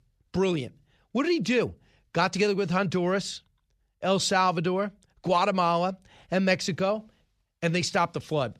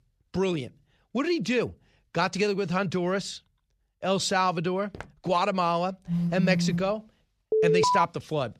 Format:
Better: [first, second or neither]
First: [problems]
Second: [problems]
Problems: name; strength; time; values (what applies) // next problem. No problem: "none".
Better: first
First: none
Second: footsteps; faint; at 5 s; peak 15 dB below the speech // phone ringing; loud; at 6 s; peak 2 dB above the speech // alarm; loud; at 7.5 s; peak 5 dB above the speech